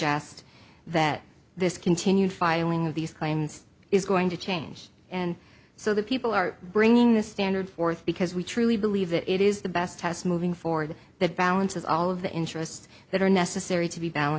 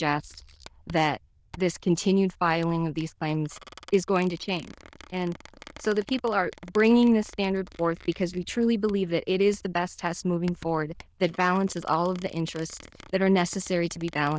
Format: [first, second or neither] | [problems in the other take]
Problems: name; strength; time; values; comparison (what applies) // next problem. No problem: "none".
first | noise reduction (neural diffusion model UNIVERSE++)